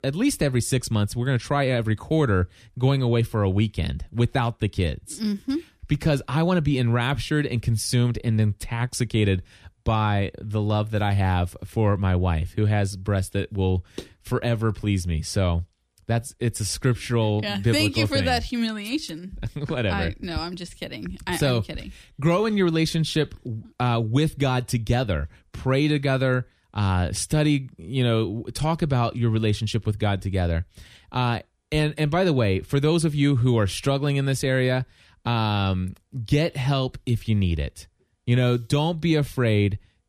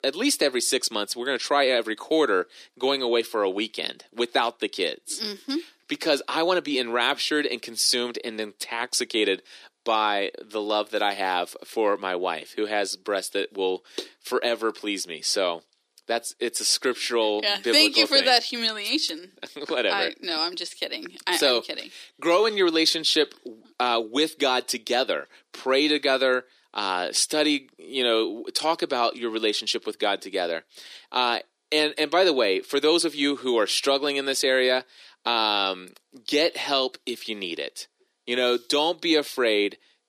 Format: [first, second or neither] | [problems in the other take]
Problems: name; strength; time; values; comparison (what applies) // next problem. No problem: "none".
first | thin; very; fading below 300 Hz